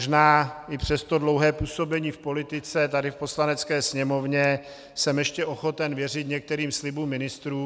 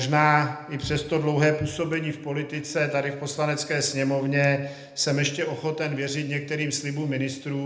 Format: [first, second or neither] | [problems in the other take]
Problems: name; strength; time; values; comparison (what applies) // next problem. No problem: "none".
first | room echo; dies away in 0.7 s